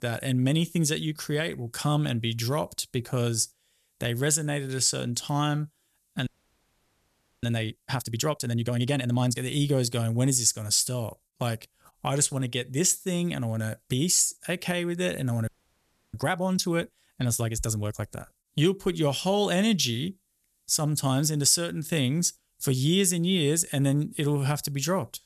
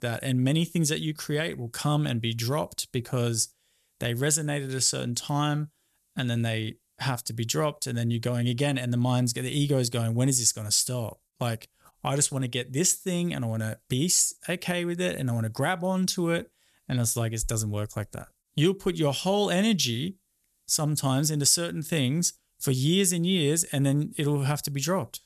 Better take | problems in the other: second | audio freezing; at 6.5 s for 1 s and at 15 s for 0.5 s

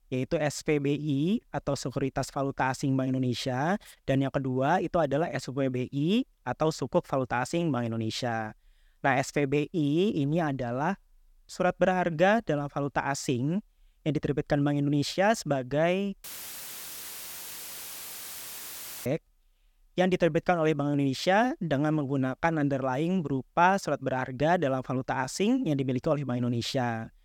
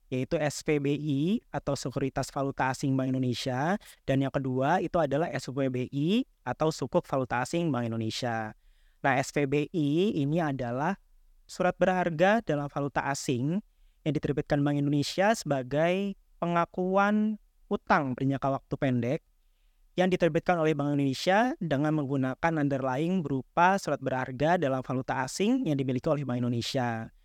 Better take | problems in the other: second | audio cutting out; filled with static; at 16 s for 3 s

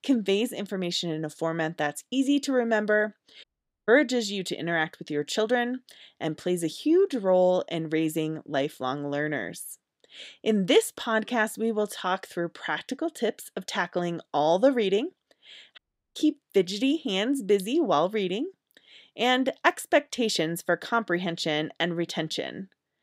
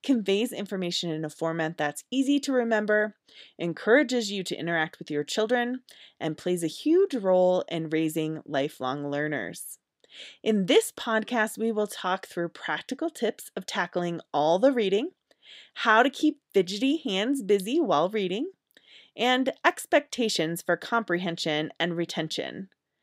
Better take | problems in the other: second | audio cutting out; at 3.5 s and at 16 s

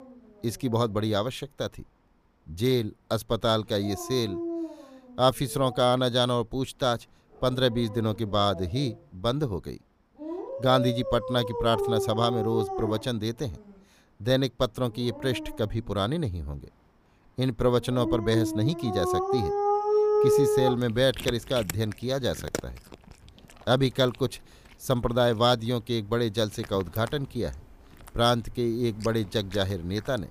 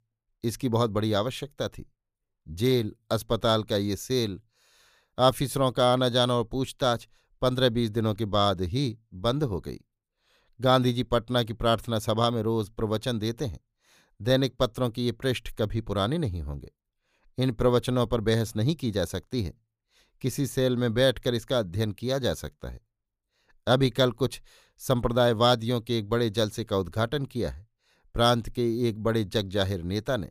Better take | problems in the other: second | animal sounds; loud; throughout; 3 dB below the speech

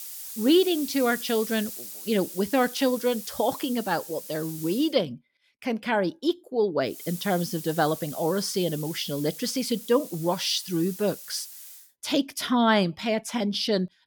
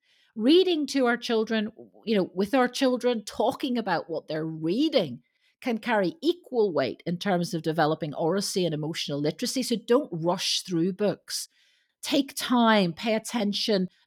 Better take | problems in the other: second | hiss; noticeable; until 5 s and from 7 to 12 s; 10 dB below the speech

